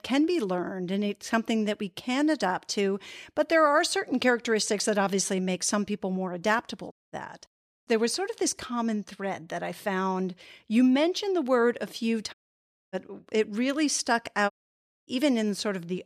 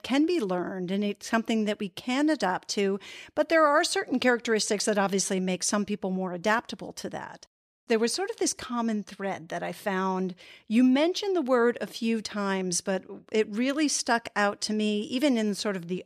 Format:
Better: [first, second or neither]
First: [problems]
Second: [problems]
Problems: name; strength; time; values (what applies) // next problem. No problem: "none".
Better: second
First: audio cutting out; at 7 s, at 12 s for 0.5 s and at 15 s for 0.5 s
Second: none